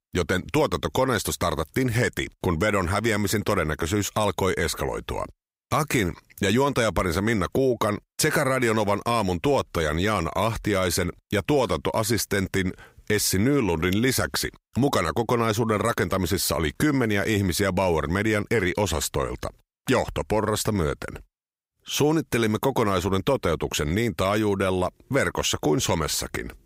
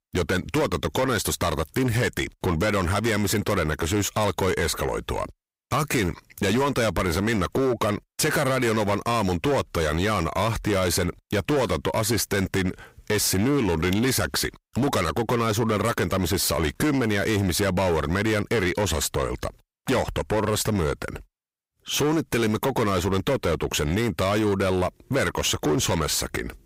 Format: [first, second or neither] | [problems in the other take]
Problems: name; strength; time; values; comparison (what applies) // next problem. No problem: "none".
first | distortion; slight; 18% of the sound clipped